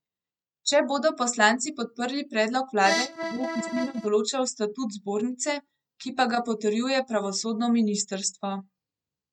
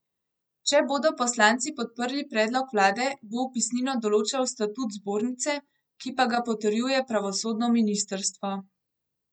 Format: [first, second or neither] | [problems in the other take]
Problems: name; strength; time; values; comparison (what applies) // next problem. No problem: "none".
second | noise reduction (neural mask model RNNoise)